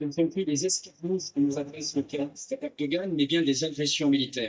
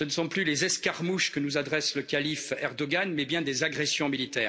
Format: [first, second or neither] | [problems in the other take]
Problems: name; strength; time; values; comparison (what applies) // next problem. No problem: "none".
second | noise reduction (neural mask model DeepFilterNet 3)